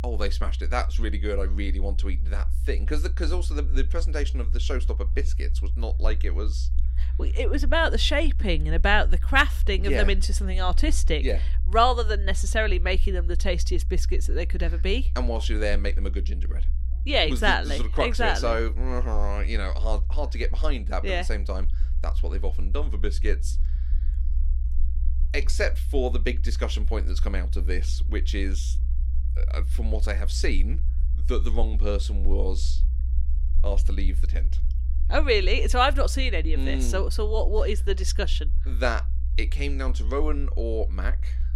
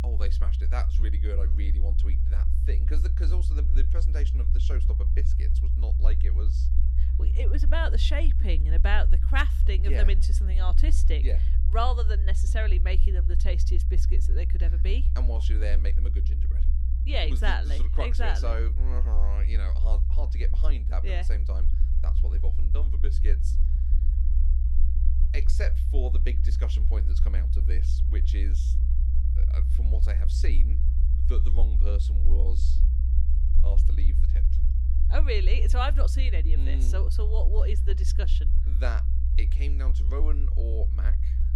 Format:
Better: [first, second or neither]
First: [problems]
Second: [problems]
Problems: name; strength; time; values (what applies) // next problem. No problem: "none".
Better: first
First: low rumble; faint; throughout; 20 dB below the speech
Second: low rumble; loud; throughout; 9 dB below the speech